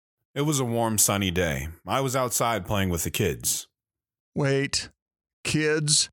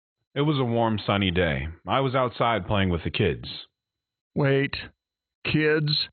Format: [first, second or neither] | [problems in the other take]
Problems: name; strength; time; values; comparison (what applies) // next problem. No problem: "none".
first | garbled, watery; badly; nothing above 4 kHz